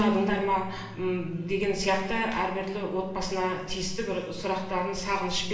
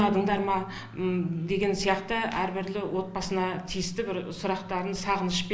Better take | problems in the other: second | room echo; dies away in 1 s

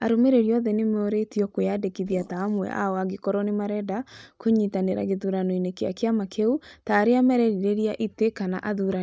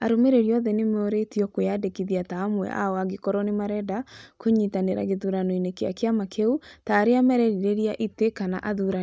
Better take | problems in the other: second | noise reduction (neural mask model Resemble Enhance denoiser)

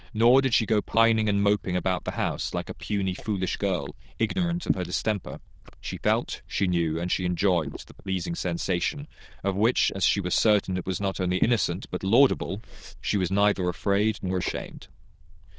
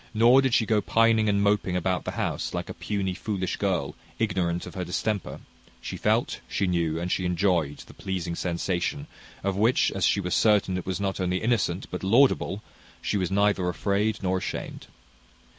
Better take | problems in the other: second | noise reduction (neural diffusion model UNIVERSE++)

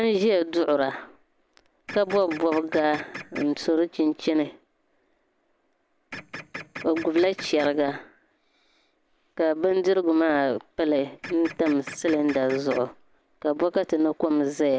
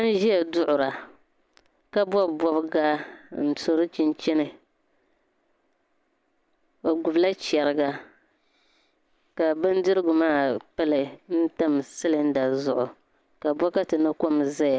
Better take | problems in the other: second | background sound (Printer); 14 dB below the speech

